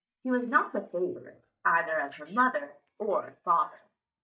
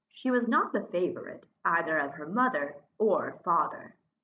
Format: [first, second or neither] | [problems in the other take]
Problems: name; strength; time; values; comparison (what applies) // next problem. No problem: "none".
second | noise reduction (neural mask model DeepFilterNet 3)